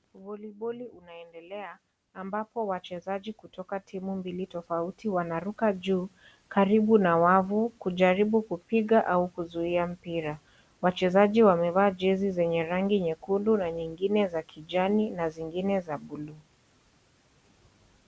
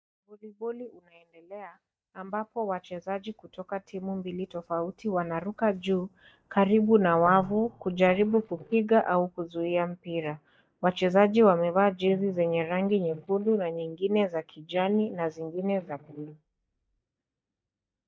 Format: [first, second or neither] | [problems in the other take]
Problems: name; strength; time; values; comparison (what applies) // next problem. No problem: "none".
first | noise reduction (neural mask model DeepFilterNet 3)